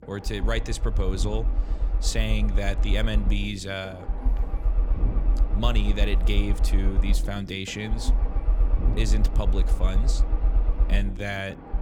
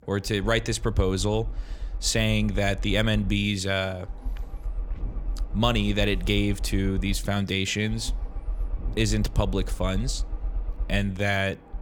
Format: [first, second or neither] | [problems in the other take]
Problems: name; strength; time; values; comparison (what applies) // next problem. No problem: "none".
second | low rumble; loud; throughout; 9 dB below the speech; faint in the second